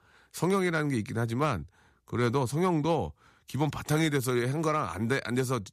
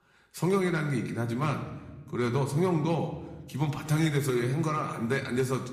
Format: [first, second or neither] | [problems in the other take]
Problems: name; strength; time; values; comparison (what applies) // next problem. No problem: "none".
first | room echo; slight; dies away in 1 s // off-mic speech; somewhat distant